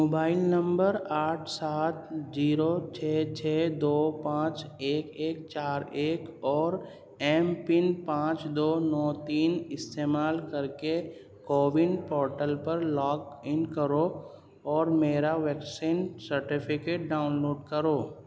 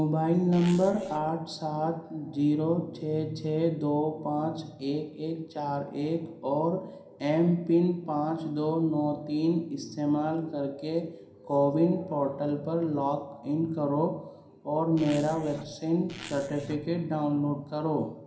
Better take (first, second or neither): first